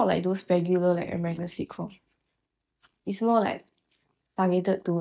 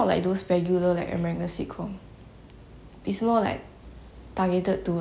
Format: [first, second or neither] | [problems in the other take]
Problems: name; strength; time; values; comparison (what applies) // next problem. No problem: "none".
second | noise reduction (neural mask model DeepFilterNet 3)